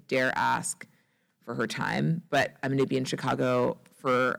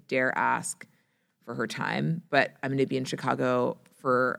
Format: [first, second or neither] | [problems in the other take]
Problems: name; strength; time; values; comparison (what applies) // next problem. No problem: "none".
second | distortion; slight; 3% of the sound clipped